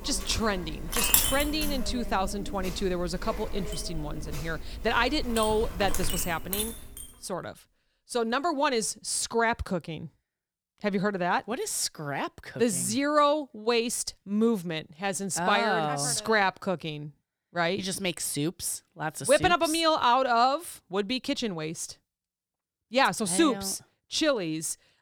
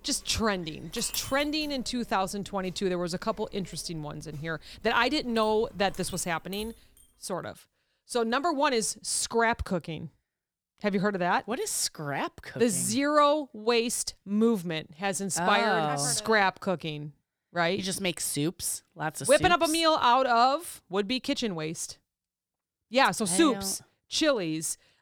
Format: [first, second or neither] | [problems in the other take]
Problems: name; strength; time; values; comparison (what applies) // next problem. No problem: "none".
second | household noises; loud; until 6.5 s; 4 dB below the speech; faint in the second